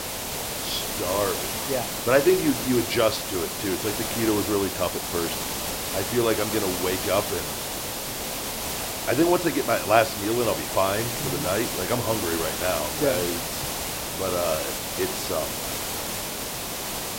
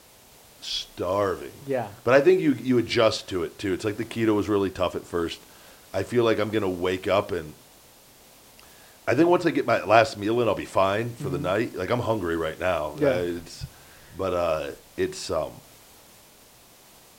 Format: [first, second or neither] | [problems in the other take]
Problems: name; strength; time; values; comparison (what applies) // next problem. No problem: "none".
second | hiss; loud; throughout; 2 dB below the speech; faint in the second